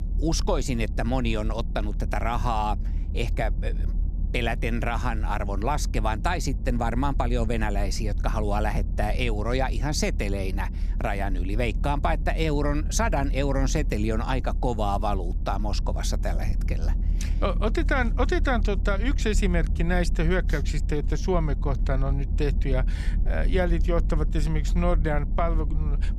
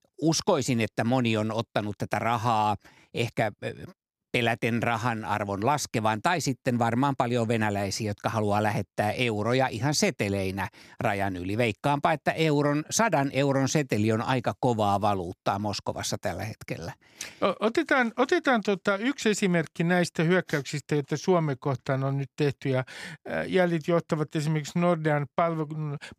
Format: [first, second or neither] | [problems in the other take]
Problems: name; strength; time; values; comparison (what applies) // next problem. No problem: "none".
second | low rumble; noticeable; throughout; 15 dB below the speech